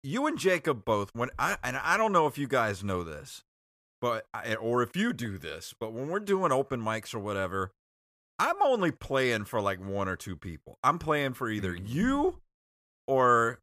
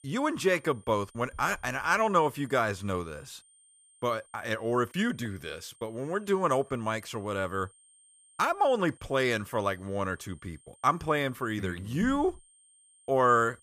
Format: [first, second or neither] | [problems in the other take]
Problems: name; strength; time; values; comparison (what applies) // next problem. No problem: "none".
first | high-pitched whine; faint; throughout; 8.5 kHz, 30 dB below the speech